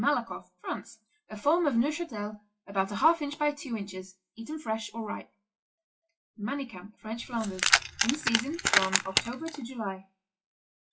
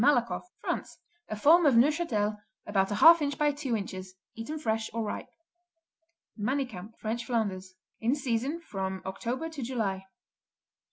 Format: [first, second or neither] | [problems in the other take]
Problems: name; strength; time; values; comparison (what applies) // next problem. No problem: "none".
second | noise reduction (classical method WPE with log-MMSE)